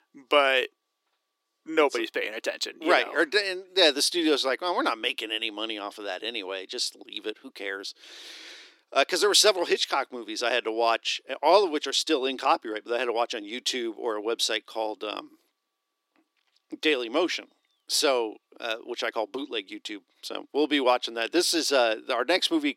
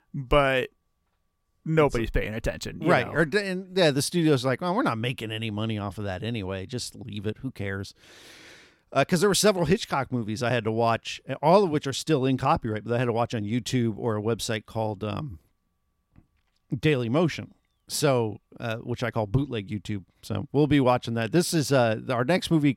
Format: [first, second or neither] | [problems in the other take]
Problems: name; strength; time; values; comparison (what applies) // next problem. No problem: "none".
second | thin; somewhat; fading below 300 Hz